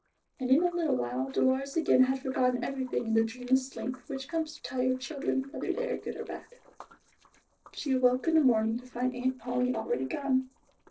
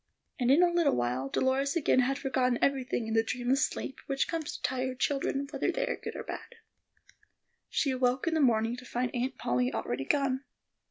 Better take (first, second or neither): second